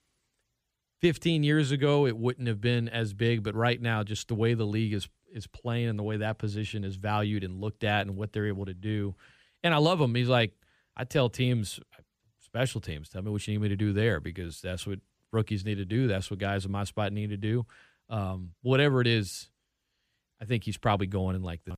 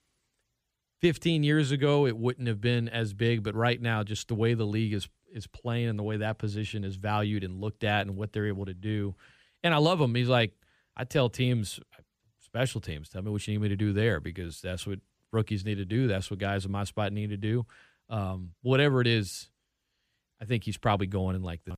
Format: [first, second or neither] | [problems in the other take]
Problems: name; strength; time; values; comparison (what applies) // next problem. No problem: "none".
neither | none